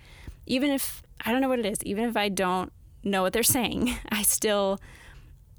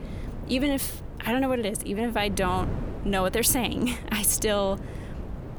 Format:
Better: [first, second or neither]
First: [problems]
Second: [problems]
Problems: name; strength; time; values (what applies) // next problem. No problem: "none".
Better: first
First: none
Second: wind noise on the microphone; occasional gusts; 15 dB below the speech